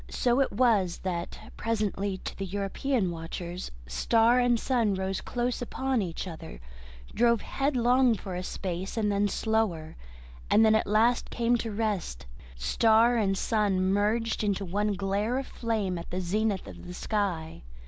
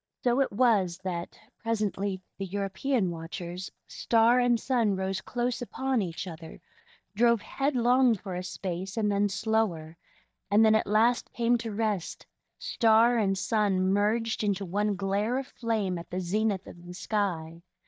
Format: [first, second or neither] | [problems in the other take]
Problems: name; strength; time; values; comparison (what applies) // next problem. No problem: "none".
first | noise reduction (neural mask model DeepFilterNet 3)